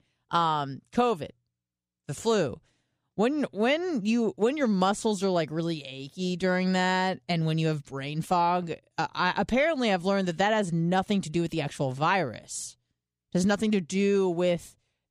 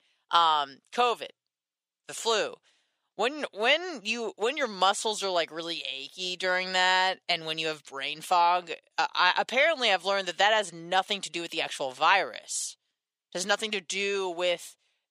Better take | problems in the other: first | thin; very; fading below 650 Hz

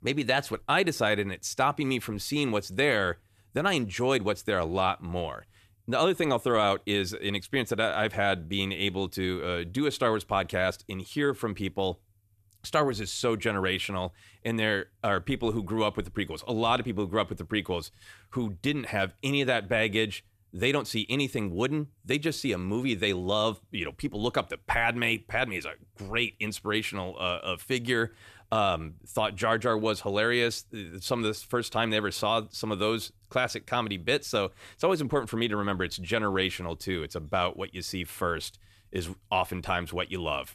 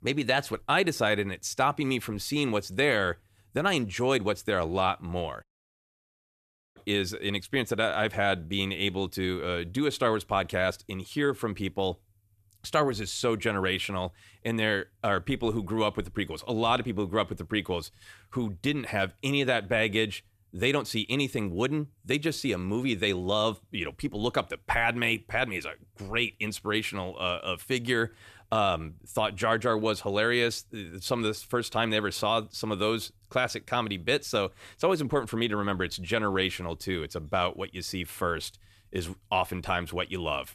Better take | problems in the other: first | audio cutting out; at 5.5 s for 1.5 s

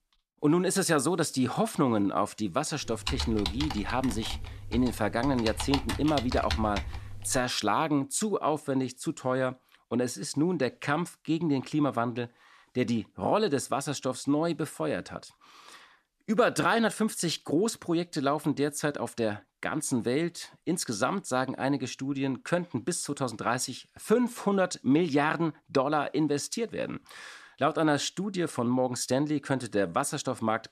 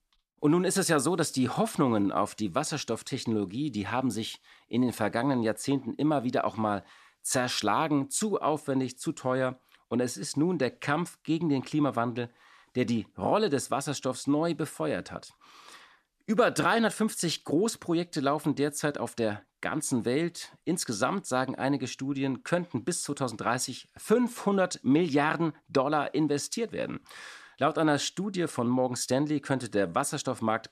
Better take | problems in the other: second | keyboard typing; noticeable; from 3 to 7.5 s; peak 3 dB below the speech

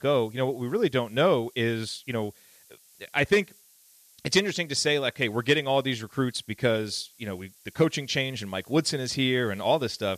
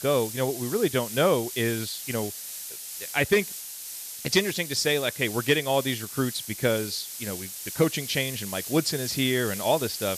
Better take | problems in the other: first | hiss; loud; throughout; 8 dB below the speech; faint in the first

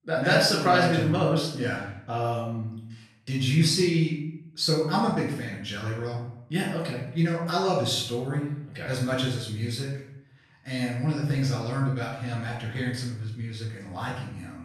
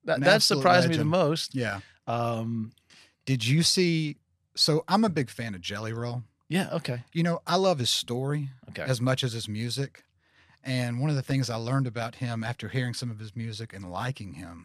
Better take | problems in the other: second | off-mic speech; far // room echo; noticeable; dies away in 0.6 s

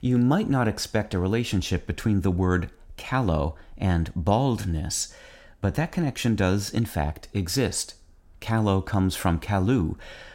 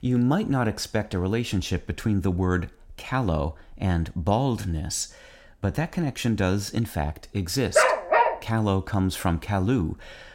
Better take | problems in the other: first | dog barking; loud; at 8 s; peak 6 dB above the speech

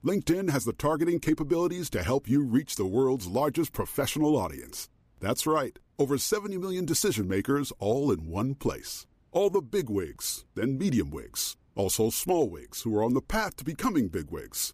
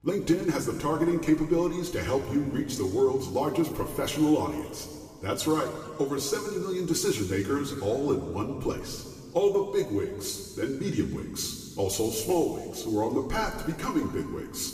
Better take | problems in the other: first | room echo; noticeable; dies away in 2 s // off-mic speech; somewhat distant

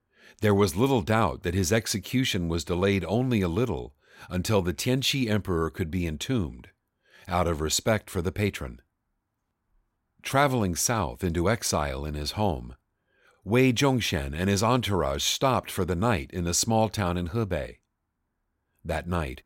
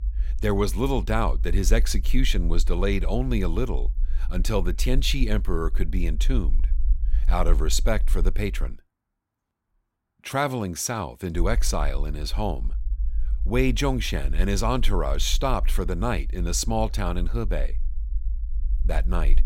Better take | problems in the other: first | low rumble; faint; until 8.5 s and from 11 s on; 25 dB below the speech

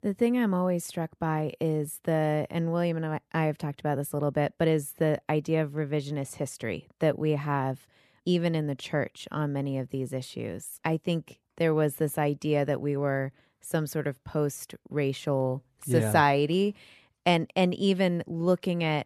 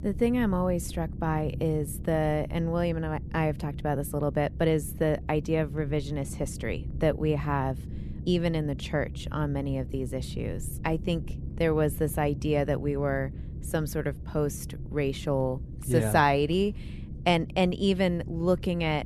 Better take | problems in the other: first | low rumble; noticeable; throughout; 20 dB below the speech

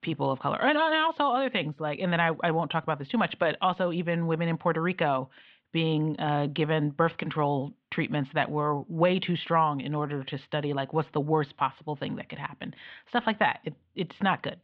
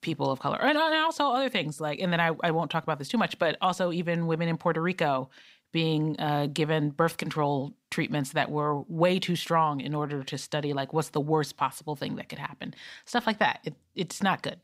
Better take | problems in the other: second | muffled; very; fading above 3.5 kHz

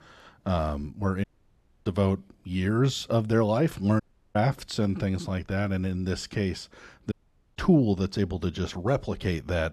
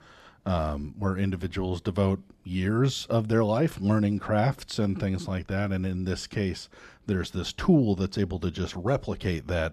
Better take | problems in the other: second | audio cutting out; at 1 s for 0.5 s, at 4 s and at 7 s

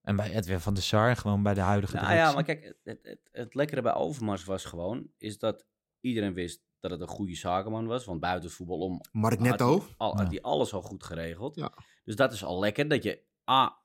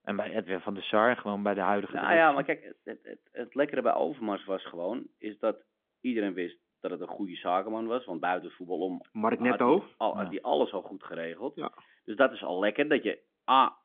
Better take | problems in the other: first | phone-call audio; nothing above 3.5 kHz

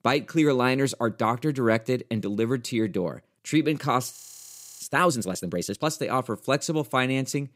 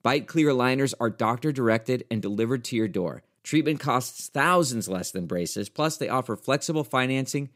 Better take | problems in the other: second | audio freezing; at 4 s for 0.5 s

